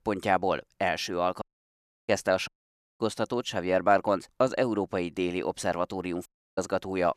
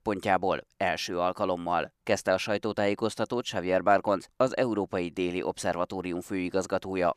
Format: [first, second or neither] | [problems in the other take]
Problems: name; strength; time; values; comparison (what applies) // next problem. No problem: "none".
second | audio cutting out; at 1.5 s for 0.5 s, at 2.5 s for 0.5 s and at 6.5 s